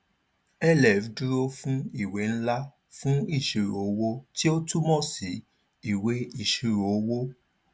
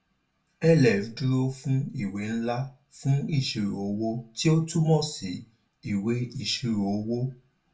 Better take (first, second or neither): first